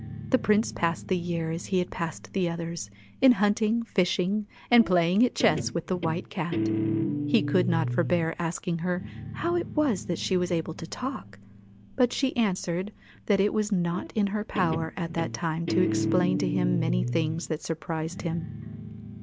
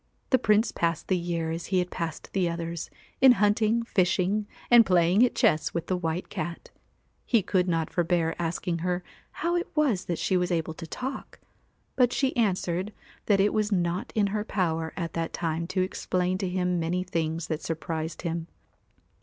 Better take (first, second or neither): second